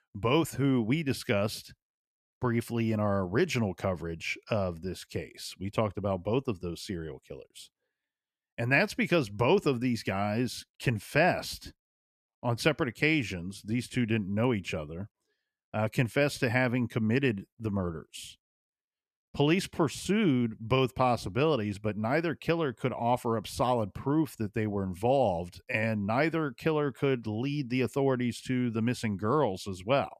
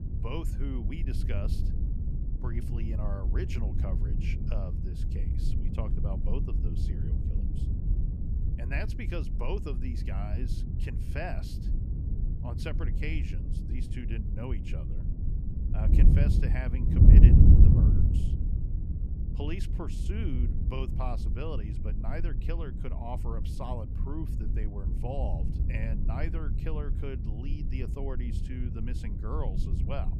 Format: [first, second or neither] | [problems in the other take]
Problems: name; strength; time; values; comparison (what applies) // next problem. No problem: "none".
first | wind noise on the microphone; heavy; 1 dB below the speech